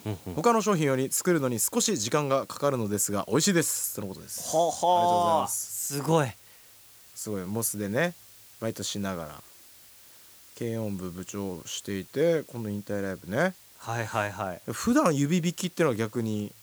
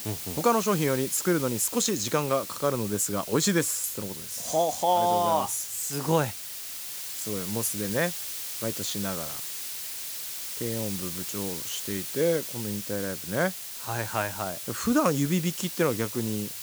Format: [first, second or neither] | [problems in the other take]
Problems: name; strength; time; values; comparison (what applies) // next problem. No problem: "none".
first | hiss; loud; throughout; 6 dB below the speech; faint in the first